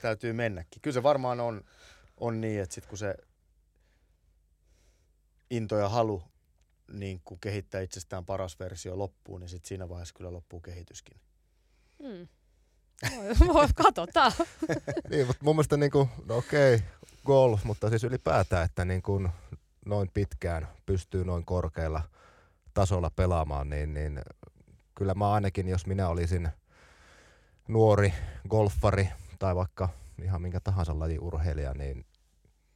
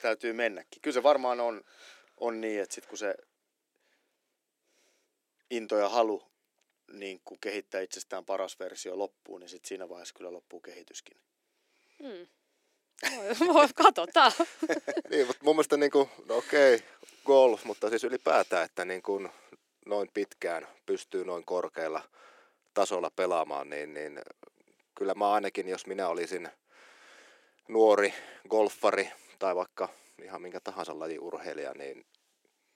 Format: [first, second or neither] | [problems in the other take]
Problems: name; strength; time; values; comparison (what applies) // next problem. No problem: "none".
first | thin; somewhat; fading below 250 Hz